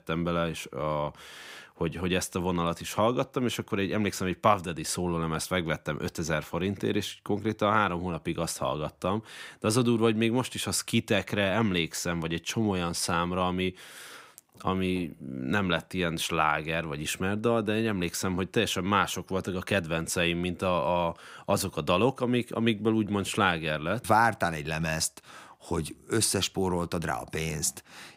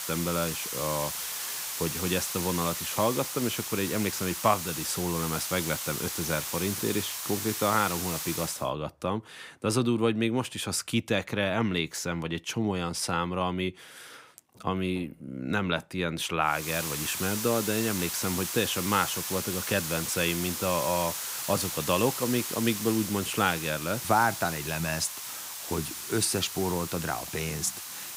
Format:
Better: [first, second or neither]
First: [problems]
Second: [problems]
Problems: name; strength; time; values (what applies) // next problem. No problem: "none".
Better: first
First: none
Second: hiss; loud; until 8.5 s and from 17 s on; 3 dB below the speech